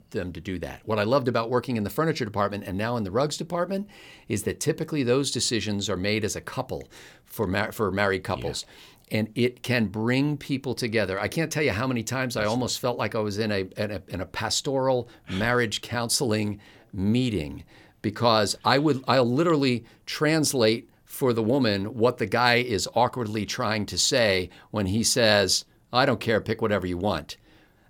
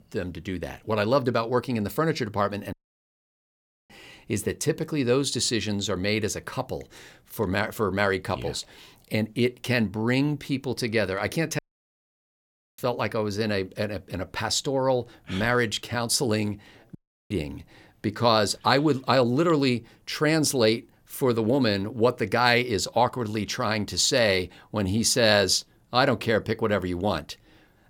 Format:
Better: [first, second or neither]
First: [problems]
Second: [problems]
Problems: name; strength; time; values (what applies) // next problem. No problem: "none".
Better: first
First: none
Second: audio cutting out; at 2.5 s for 1 s, at 12 s for 1 s and at 17 s